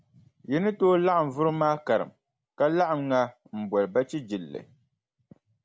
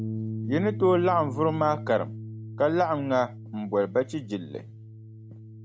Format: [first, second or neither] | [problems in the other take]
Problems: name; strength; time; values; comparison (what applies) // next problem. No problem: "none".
first | background sound (Bass guitar); 9 dB below the speech